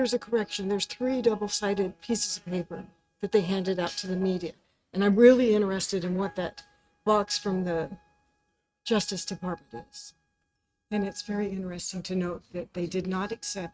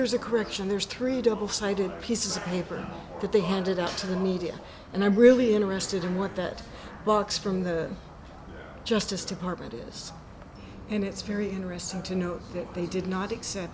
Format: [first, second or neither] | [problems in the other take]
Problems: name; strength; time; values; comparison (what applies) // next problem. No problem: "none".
second | noise reduction (neural mask model RNNoise)